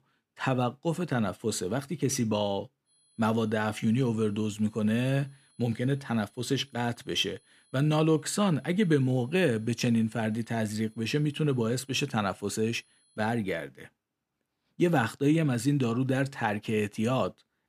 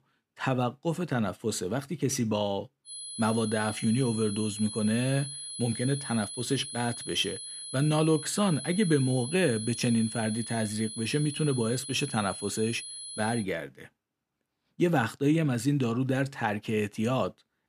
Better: first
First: high-pitched whine; faint; from 3 to 13 s; 10 kHz, 35 dB below the speech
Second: high-pitched whine; loud; from 3 to 13 s; 10 kHz, 8 dB below the speech

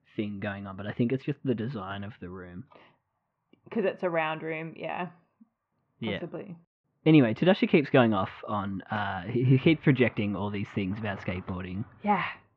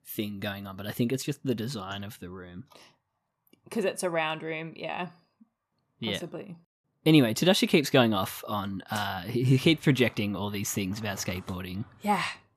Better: second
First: muffled; very; fading above 2.5 kHz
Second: none

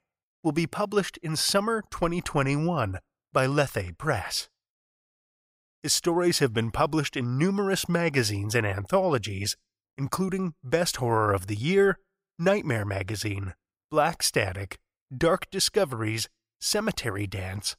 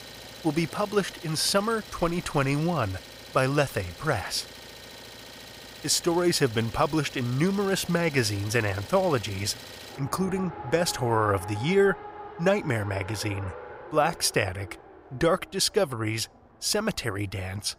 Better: first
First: none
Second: traffic noise; noticeable; throughout; 15 dB below the speech

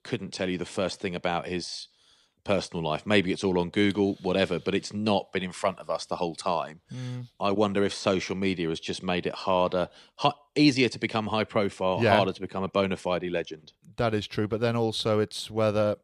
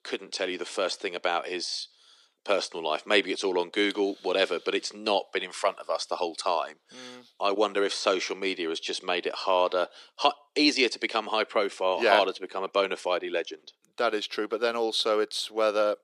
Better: first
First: none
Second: thin; somewhat; fading below 300 Hz

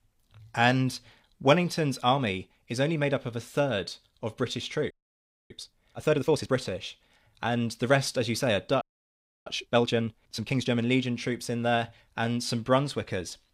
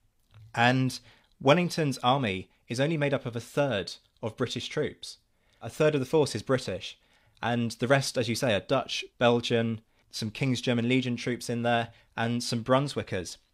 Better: second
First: audio freezing; at 5 s for 0.5 s and at 9 s for 0.5 s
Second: none

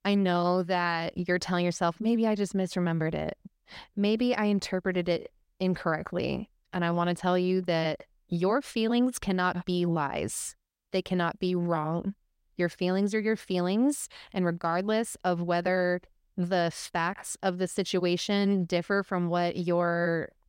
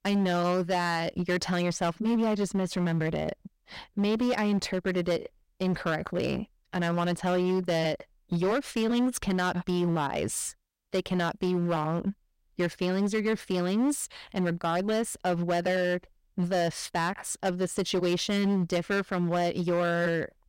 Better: first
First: none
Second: distortion; slight; 11% of the sound clipped

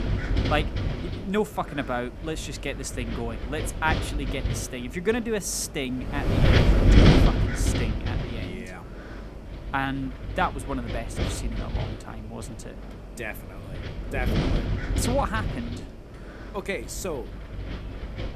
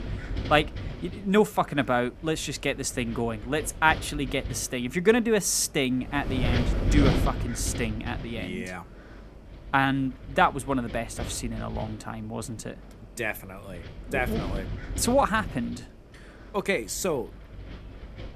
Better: second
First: wind noise on the microphone; heavy; 2 dB below the speech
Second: wind noise on the microphone; occasional gusts; 15 dB below the speech

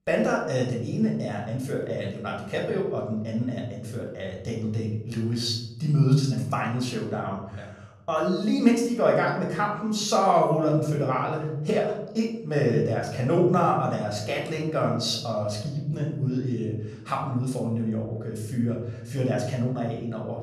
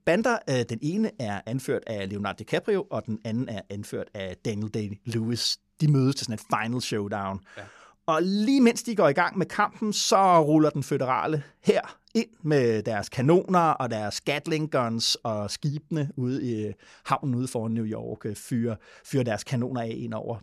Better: second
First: off-mic speech; somewhat distant // room echo; noticeable; dies away in 1.1 s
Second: none

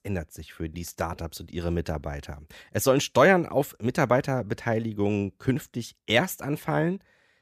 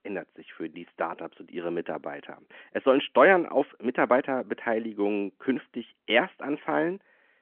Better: first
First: none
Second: phone-call audio; nothing above 3 kHz

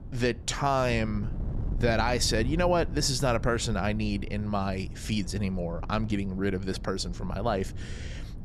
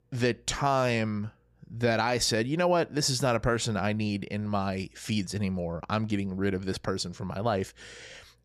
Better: second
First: wind noise on the microphone; occasional gusts; 20 dB below the speech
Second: none

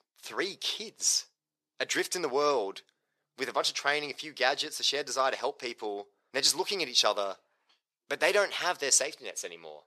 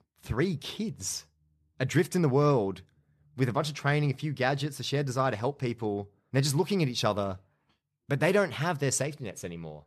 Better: second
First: thin; very; fading below 450 Hz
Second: none

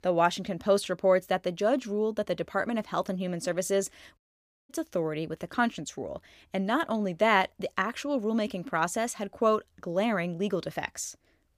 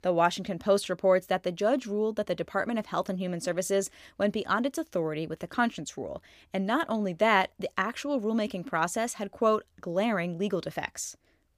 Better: second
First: audio cutting out; at 4 s for 0.5 s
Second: none

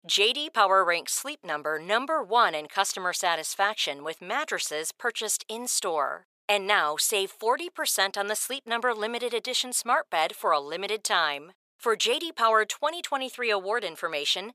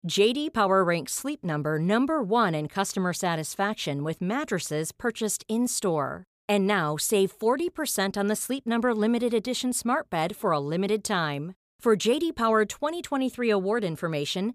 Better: second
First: thin; very; fading below 700 Hz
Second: none

